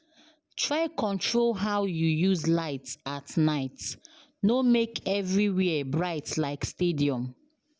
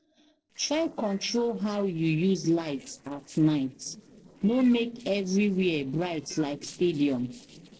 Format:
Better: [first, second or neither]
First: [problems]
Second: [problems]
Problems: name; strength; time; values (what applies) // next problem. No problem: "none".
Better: first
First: none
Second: noise reduction (neural separator model SepFormer DNS4)